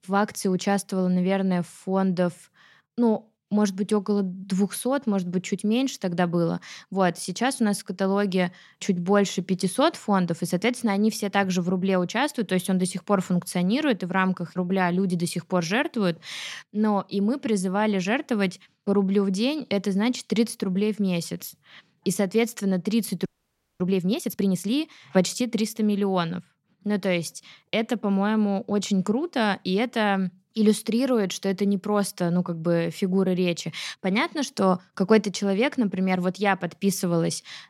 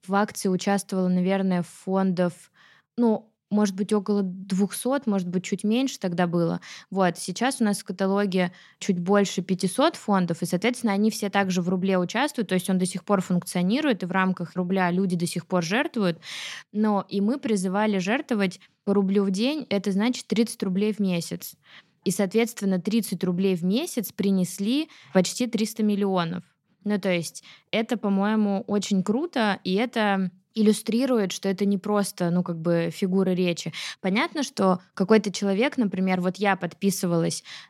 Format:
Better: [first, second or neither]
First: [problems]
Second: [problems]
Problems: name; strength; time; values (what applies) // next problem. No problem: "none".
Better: second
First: audio freezing; at 23 s for 0.5 s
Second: none